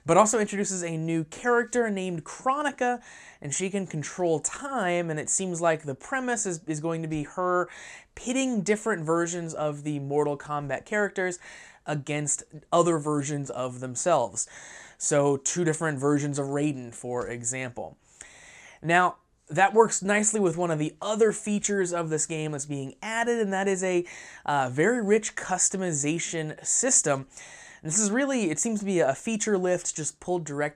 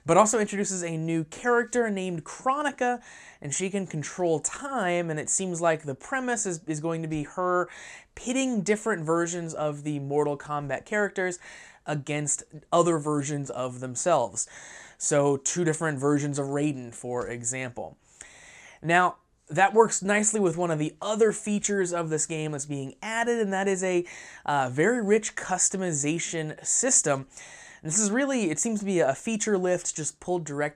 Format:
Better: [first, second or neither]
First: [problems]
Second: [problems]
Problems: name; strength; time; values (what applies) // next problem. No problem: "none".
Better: neither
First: none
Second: none